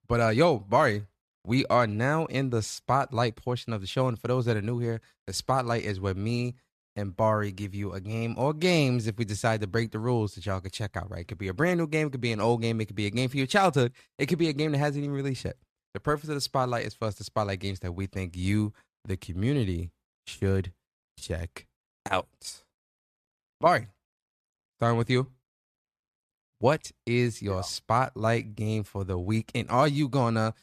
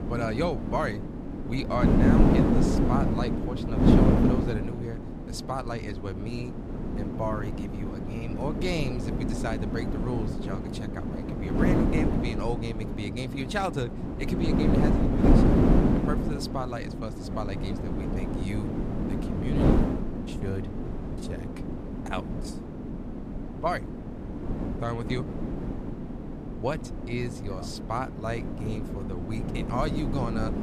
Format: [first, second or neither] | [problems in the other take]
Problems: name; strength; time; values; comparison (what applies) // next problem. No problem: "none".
first | wind noise on the microphone; heavy; 1 dB above the speech